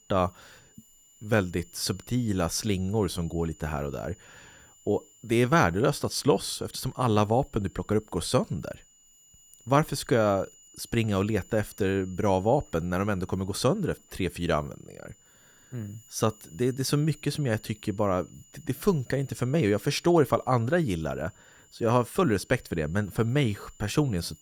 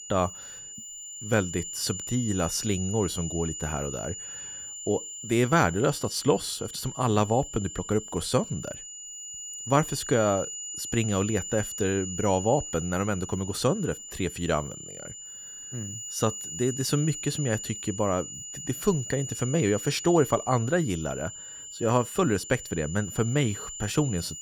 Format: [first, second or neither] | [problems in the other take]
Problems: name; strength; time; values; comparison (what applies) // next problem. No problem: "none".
first | high-pitched whine; loud; throughout; 7 kHz, 8 dB below the speech; faint in the first